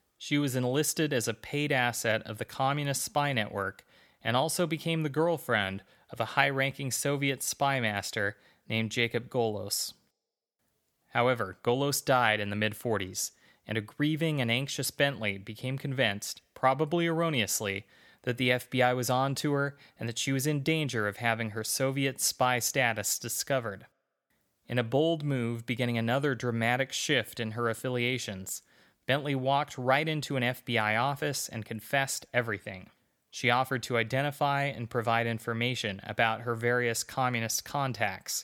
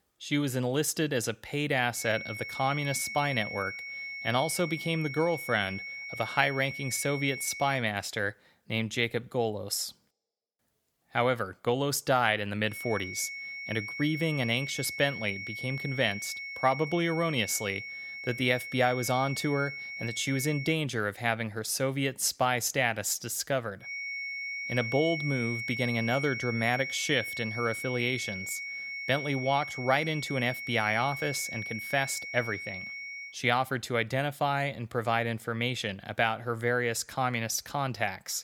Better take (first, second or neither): first